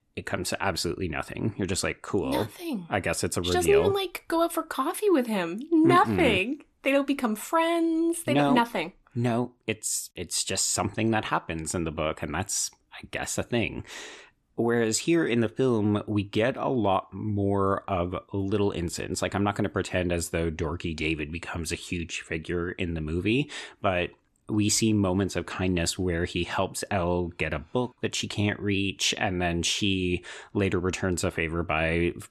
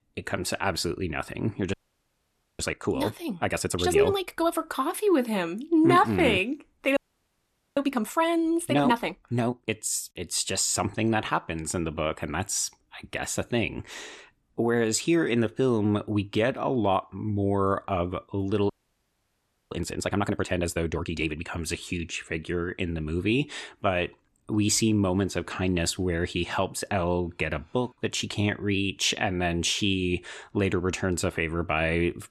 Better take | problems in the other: first | audio freezing; at 1.5 s for 1 s, at 7 s for 1 s and at 19 s for 1 s

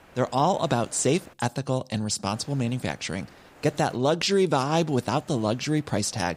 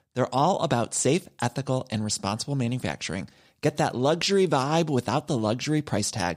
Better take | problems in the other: second | hiss; faint; until 1.5 s, from 2.5 to 4 s and from 5 s on; 25 dB below the speech

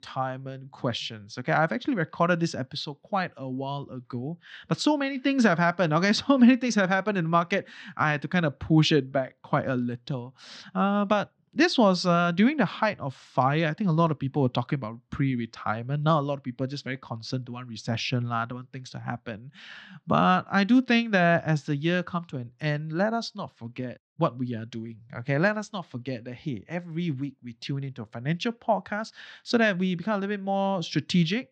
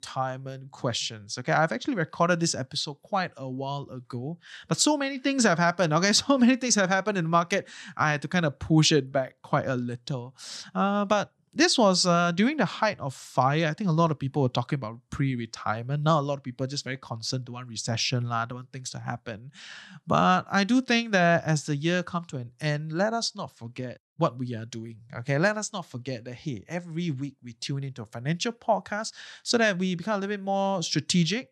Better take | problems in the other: second | muffled; very slightly; fading above 3 kHz

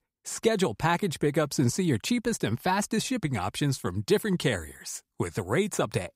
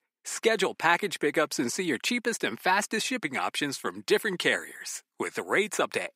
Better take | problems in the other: first | thin; somewhat; fading below 250 Hz

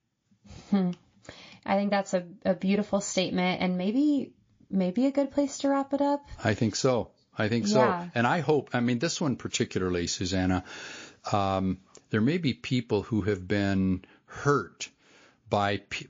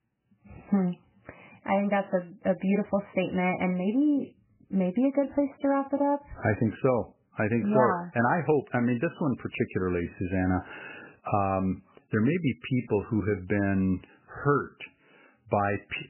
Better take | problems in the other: first | garbled, watery; badly; nothing above 3 kHz; slightly in the first

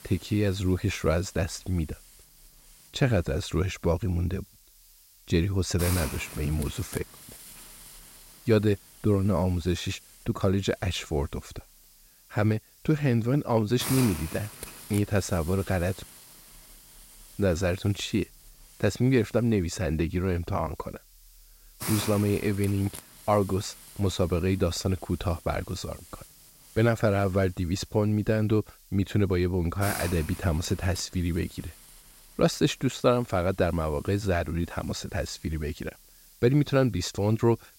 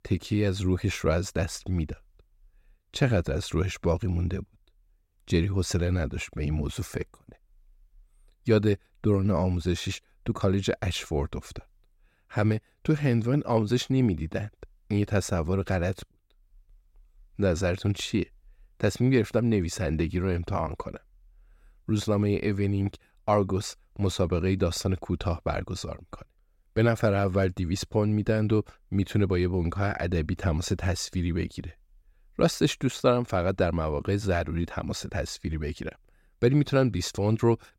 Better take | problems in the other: second | hiss; noticeable; throughout; 15 dB below the speech

